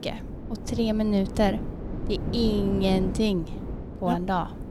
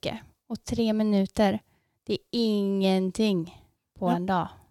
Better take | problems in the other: second | wind noise on the microphone; occasional gusts; 10 dB below the speech

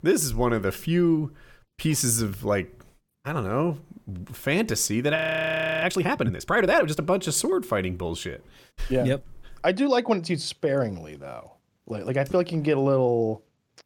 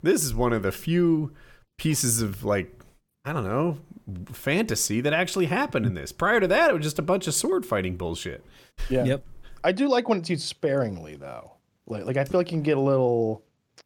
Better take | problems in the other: second | audio freezing; at 5 s for 0.5 s

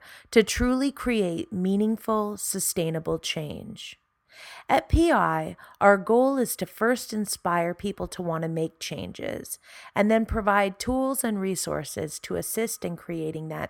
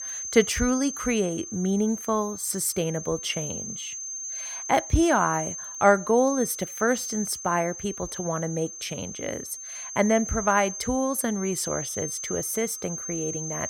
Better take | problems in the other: first | high-pitched whine; loud; throughout; 6.5 kHz, 7 dB below the speech

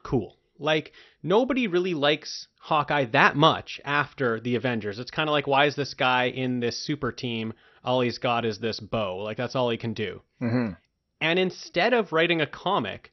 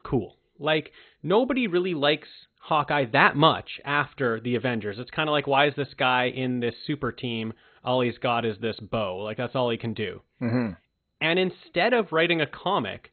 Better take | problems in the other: first | garbled, watery; badly; nothing above 4 kHz; slightly in the first

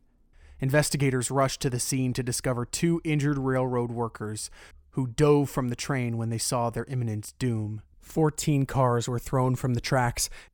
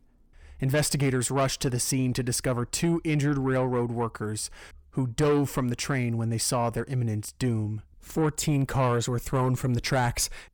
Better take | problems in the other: first | distortion; slight; 10 dB below the speech

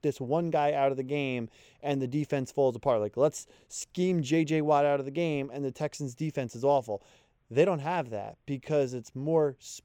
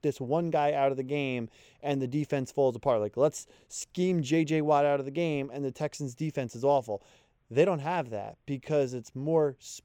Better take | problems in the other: neither | none

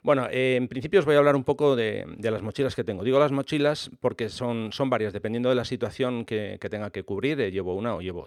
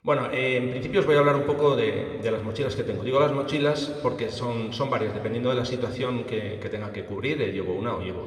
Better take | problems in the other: first | room echo; slight; dies away in 2 s // off-mic speech; somewhat distant

